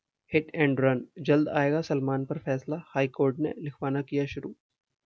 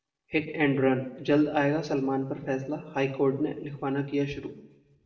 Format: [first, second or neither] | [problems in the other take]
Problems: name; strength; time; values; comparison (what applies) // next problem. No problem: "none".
first | room echo; dies away in 0.8 s